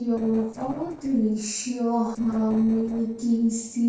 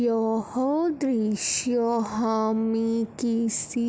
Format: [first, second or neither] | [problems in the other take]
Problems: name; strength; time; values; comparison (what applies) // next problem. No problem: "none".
second | noise reduction (neural separator model SepFormer DNS4)